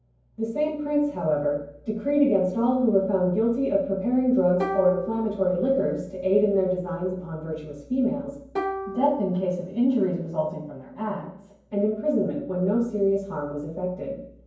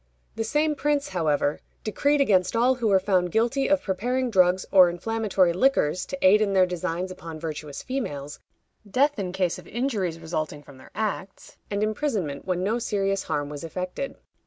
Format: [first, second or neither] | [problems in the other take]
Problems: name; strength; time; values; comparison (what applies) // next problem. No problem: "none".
second | background sound (Plucked string instrument); 10 dB below the speech // room echo; dies away in 0.9 s